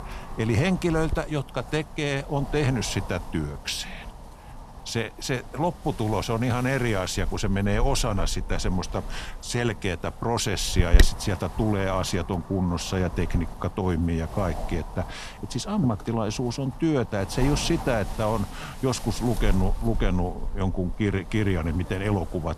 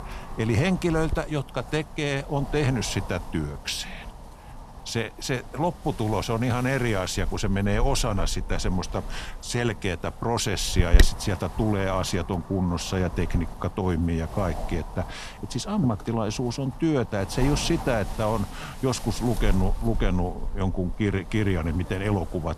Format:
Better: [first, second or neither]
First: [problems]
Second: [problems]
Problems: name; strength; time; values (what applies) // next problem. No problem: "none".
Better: neither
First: wind noise on the microphone; occasional gusts; 10 dB below the speech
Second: wind noise on the microphone; occasional gusts; 10 dB below the speech